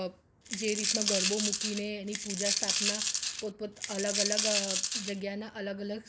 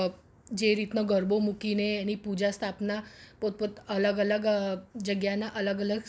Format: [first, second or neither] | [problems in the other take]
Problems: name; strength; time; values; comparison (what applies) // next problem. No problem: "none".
second | background sound (Coin (dropping)); 4 dB above the speech